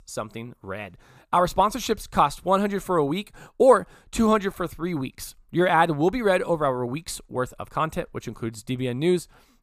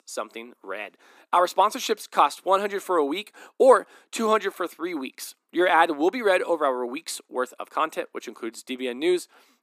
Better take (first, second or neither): first